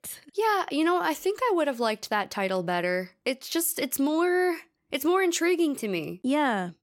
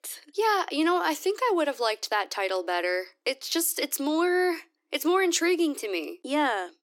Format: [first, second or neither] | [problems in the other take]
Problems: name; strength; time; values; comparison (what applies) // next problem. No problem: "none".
first | thin; very slightly; fading below 300 Hz